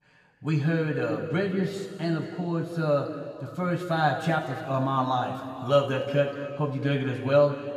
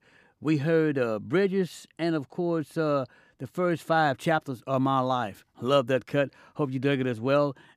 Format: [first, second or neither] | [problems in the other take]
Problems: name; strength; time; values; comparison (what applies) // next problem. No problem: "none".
second | room echo; noticeable; dies away in 2.2 s // off-mic speech; far